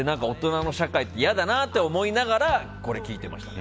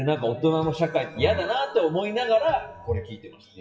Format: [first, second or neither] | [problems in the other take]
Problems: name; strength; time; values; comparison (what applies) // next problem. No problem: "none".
first | noise reduction (classical method WPE with log-MMSE)